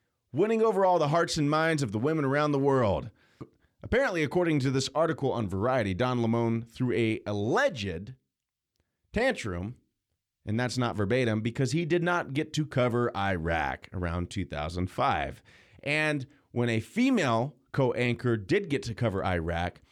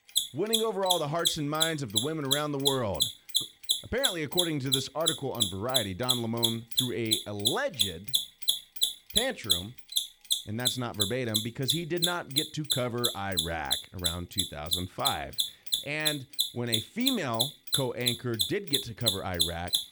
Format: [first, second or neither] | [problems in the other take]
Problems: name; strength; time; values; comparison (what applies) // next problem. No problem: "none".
first | machinery noise; very loud; throughout; 4 dB above the speech